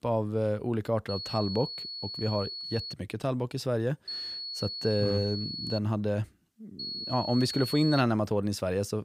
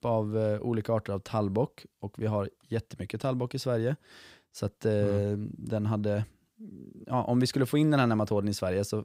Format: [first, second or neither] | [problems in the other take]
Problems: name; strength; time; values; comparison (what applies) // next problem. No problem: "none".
second | high-pitched whine; loud; from 1 to 3 s, from 4 to 6 s and from 7 to 8 s; 4.5 kHz, 6 dB below the speech